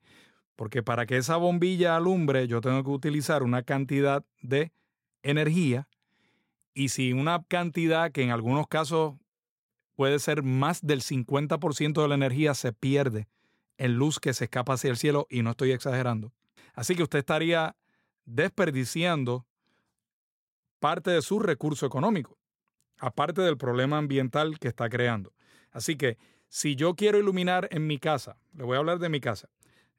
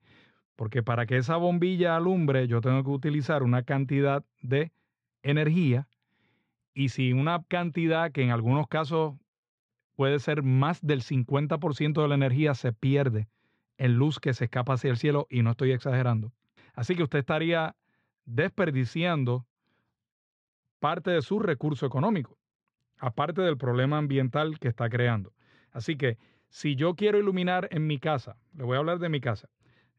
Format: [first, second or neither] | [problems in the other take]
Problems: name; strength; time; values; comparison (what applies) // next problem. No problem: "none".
first | muffled; slightly; fading above 4 kHz